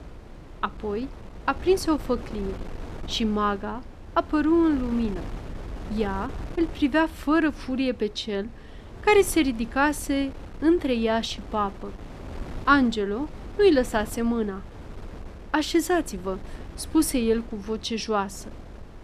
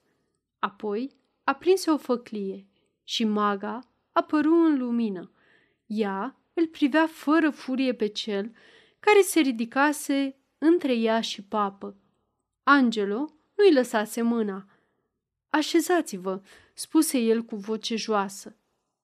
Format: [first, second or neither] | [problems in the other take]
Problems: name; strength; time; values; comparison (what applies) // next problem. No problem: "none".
second | wind noise on the microphone; occasional gusts; 20 dB below the speech